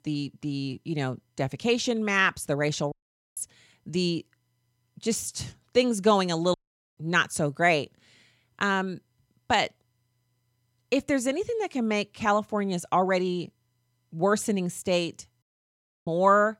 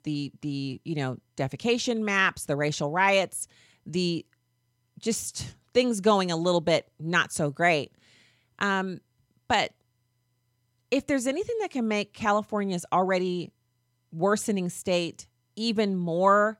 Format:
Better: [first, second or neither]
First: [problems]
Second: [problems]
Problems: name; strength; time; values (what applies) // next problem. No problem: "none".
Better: second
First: audio cutting out; at 3 s, at 6.5 s and at 15 s for 0.5 s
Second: none